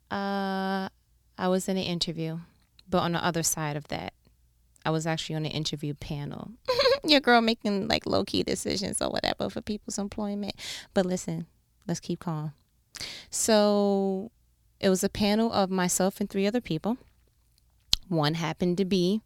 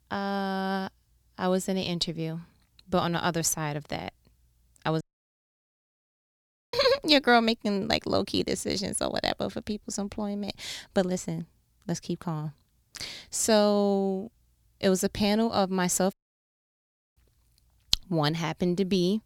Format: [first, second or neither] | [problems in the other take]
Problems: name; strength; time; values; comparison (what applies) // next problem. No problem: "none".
first | audio cutting out; at 5 s for 1.5 s and at 16 s for 1 s